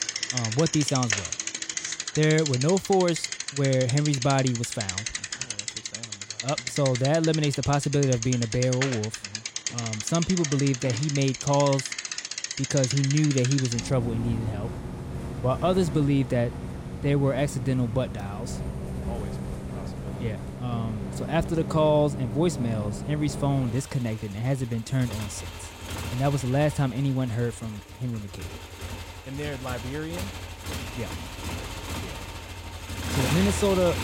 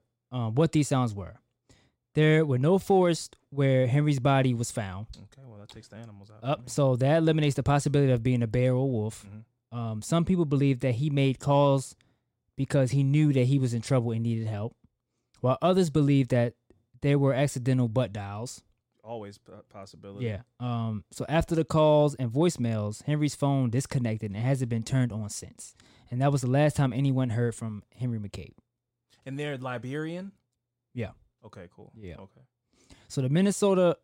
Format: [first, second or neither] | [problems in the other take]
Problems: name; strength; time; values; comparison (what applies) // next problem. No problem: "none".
second | traffic noise; loud; throughout; 6 dB below the speech